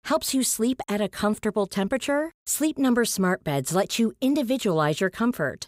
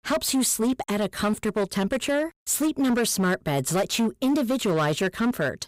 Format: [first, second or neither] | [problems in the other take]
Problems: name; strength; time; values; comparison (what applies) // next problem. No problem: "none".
first | distortion; slight; 14% of the sound clipped